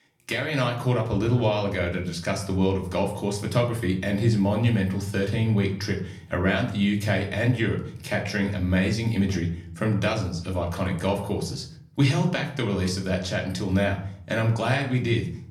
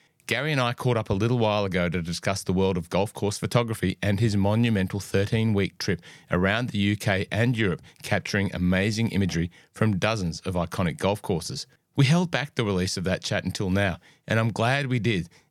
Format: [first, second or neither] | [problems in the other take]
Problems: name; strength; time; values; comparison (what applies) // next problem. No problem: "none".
second | room echo; slight; dies away in 0.5 s // off-mic speech; somewhat distant